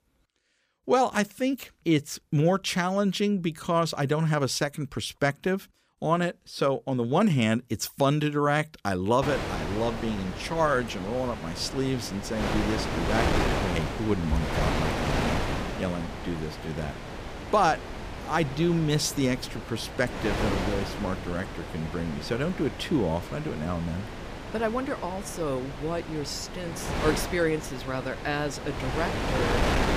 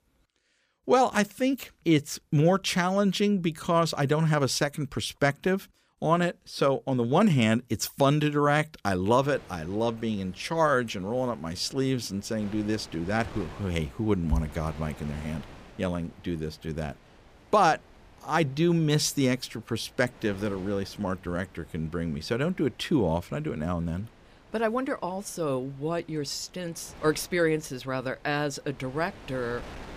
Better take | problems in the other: second | wind noise on the microphone; heavy; from 9 s on; 5 dB below the speech; occasional gusts in the second

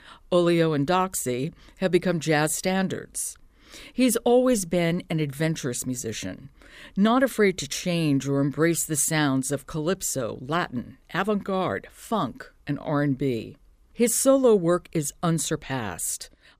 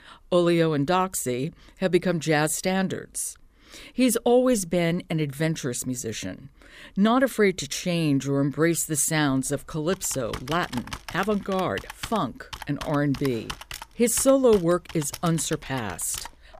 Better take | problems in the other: first | keyboard typing; faint; from 9.5 s on; peak 10 dB below the speech

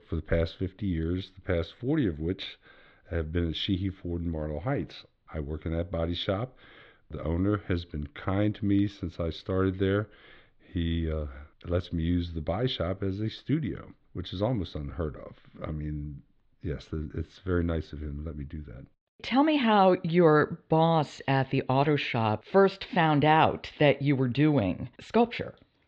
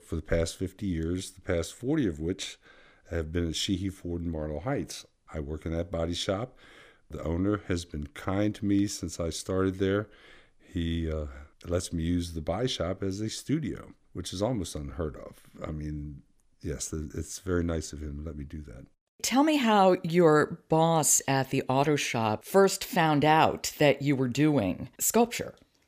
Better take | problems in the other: second | muffled; very; fading above 4 kHz

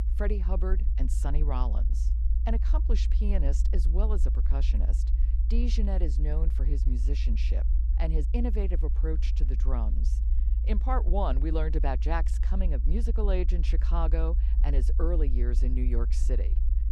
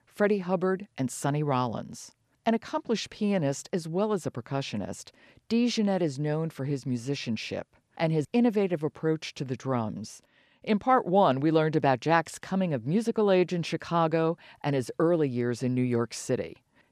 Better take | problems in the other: second | low rumble; noticeable; throughout; 10 dB below the speech

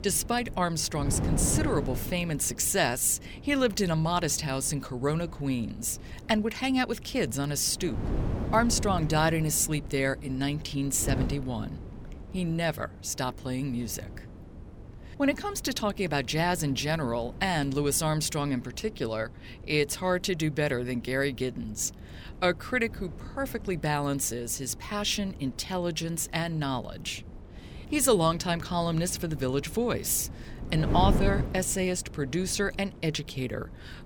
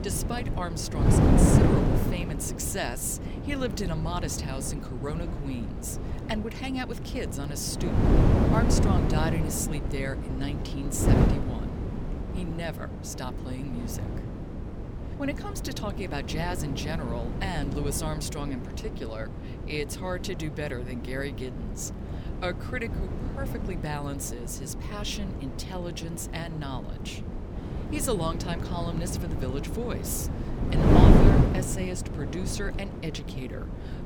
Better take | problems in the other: first | wind noise on the microphone; heavy; as loud as the speech; occasional gusts in the first

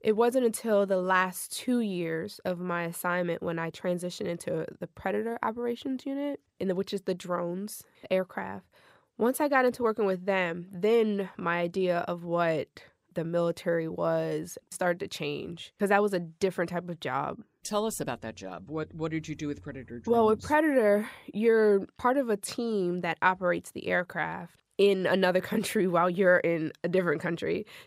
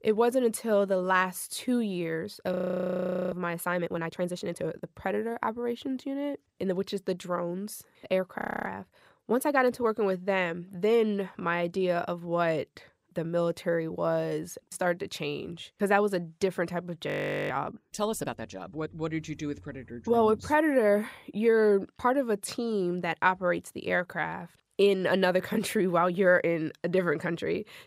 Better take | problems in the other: first | audio freezing; at 2.5 s for 1 s, at 8.5 s and at 17 s

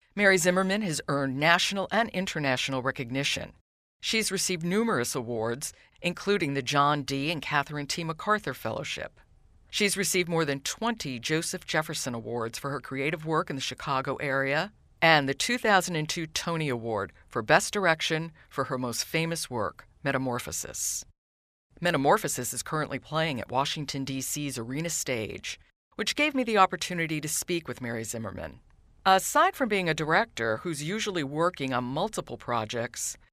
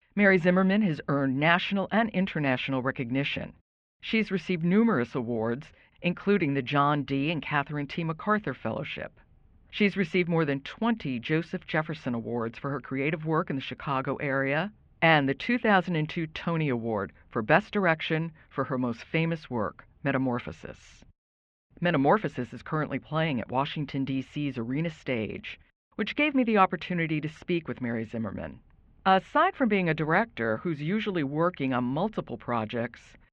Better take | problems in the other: first | muffled; very; fading above 3 kHz

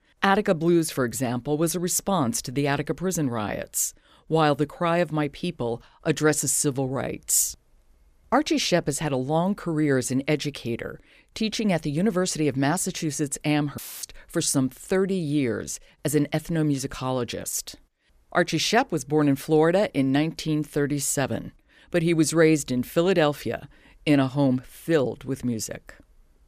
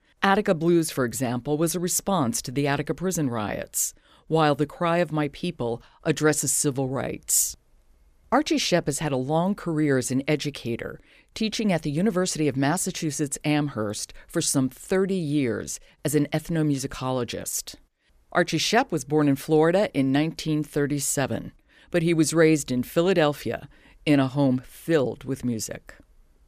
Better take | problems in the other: second | audio cutting out; filled with static; at 14 s

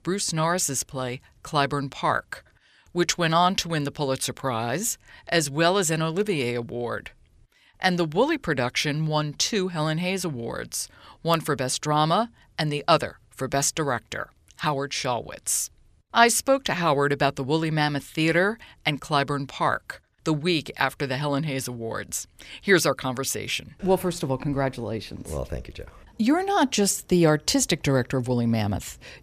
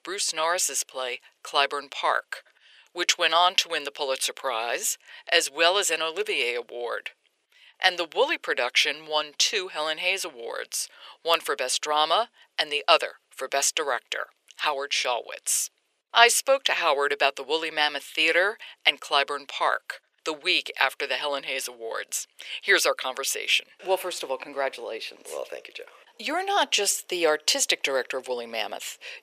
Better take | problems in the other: first | thin; very; fading below 450 Hz

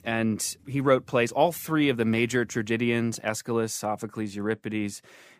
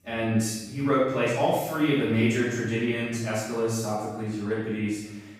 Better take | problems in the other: first | off-mic speech; far // room echo; strong; dies away in 1 s

